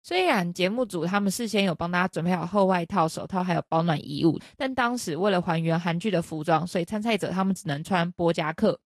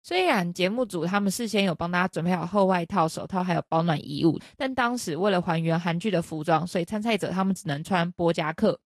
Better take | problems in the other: neither | garbled, watery; slightly; nothing above 12.5 kHz; the same in both

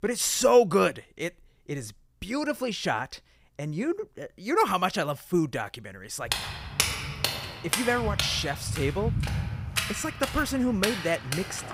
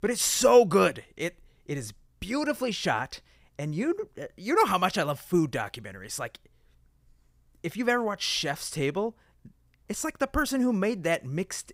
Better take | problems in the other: second | footsteps; loud; from 6.5 s on; peak 2 dB above the speech

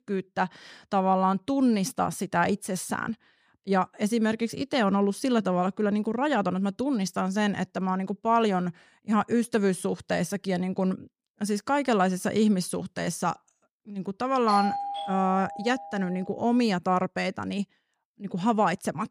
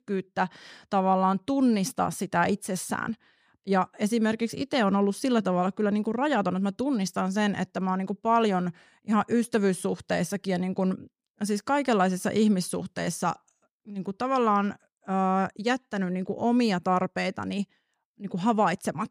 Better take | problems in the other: second | doorbell; noticeable; from 14 to 16 s; peak 2 dB below the speech

